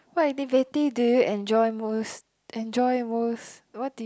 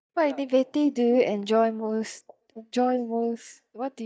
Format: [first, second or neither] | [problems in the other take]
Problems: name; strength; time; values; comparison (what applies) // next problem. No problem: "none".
first | noise reduction (neural mask model DeepFilterNet 3)